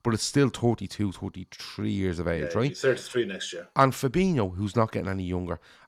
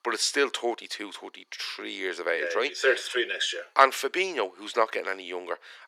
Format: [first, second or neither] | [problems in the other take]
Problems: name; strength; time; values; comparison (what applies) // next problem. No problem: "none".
first | thin; very; fading below 400 Hz